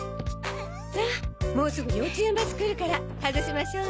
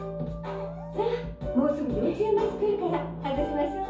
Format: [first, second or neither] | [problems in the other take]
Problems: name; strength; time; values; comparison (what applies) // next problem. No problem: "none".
first | room echo; dies away in 0.6 s